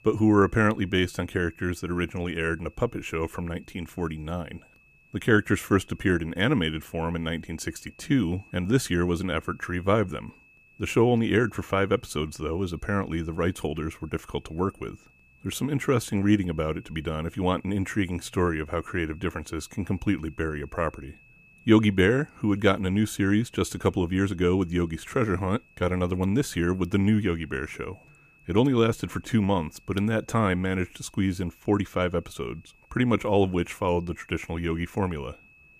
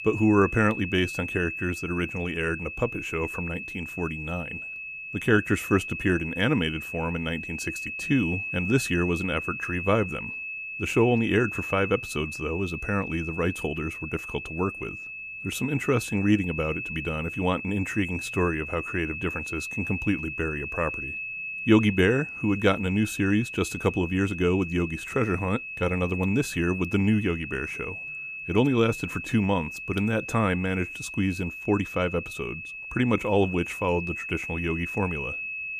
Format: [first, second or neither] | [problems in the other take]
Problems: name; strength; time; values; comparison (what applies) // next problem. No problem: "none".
first | high-pitched whine; loud; throughout; 2.5 kHz, 7 dB below the speech; faint in the first